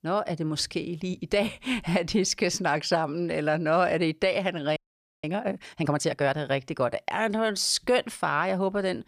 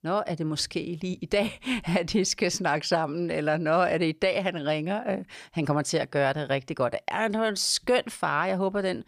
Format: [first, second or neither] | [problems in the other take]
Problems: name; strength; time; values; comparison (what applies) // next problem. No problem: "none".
second | audio freezing; at 5 s